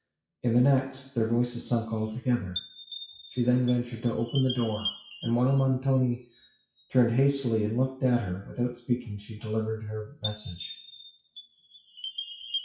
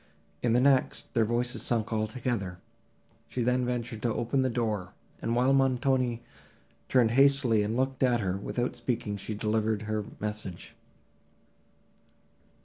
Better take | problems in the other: second | noise reduction (classical method WPE with log-MMSE)

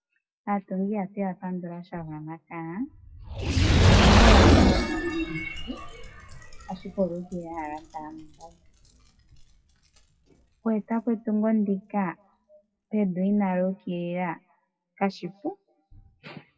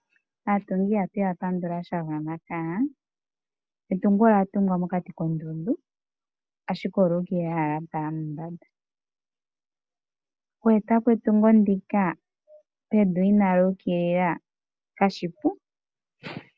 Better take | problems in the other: second | noise reduction (classical method WPE with log-MMSE)

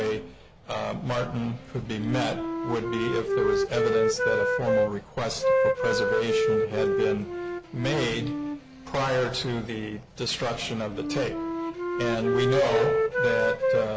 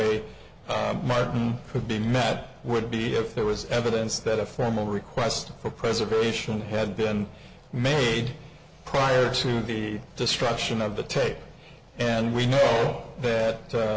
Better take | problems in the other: second | background sound (Wind instrument, woodwind instrument); 1 dB above the speech

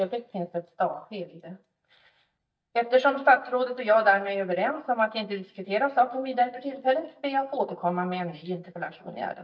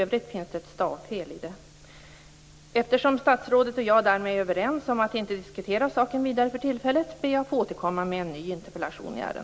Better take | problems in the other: second | noise reduction (neural mask model DeepFilterNet 3)

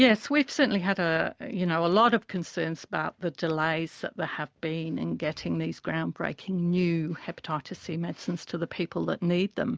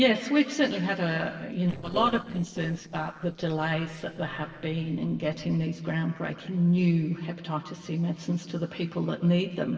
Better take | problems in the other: first | noise reduction (neural separator model SepFormer DNS4)

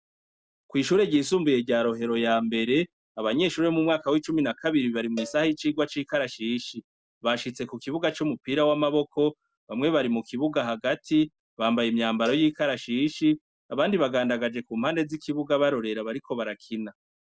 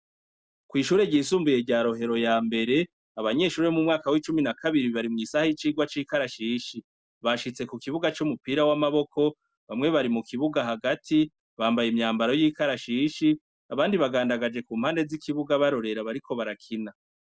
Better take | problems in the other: second | background sound (Cowbell); 19 dB below the speech

